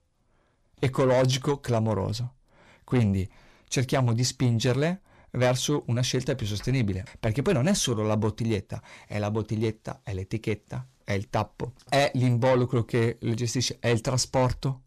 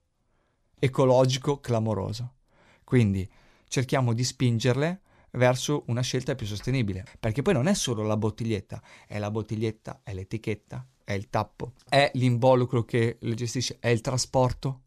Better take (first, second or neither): second